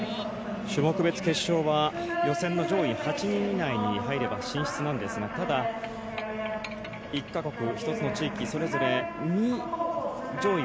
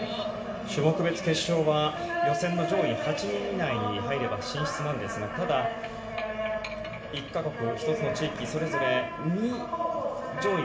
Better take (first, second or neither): first